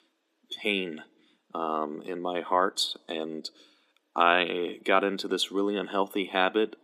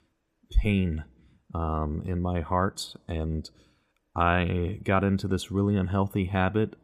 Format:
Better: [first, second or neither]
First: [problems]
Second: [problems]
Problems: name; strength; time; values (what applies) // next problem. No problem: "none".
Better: second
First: thin; somewhat; fading below 250 Hz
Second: none